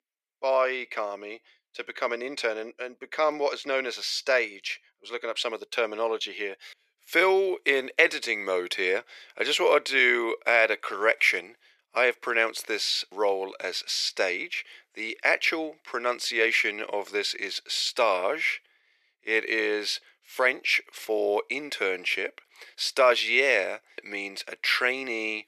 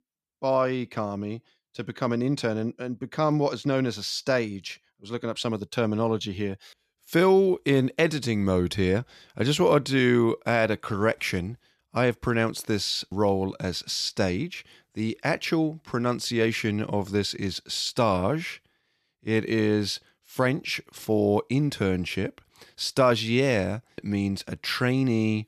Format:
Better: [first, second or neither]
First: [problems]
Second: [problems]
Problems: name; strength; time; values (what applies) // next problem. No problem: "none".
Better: second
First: thin; very; fading below 400 Hz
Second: none